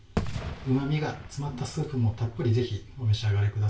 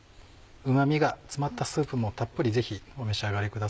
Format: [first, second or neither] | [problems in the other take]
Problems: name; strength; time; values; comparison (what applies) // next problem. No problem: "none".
second | background sound (Fireworks); 10 dB below the speech // room echo; dies away in 0.3 s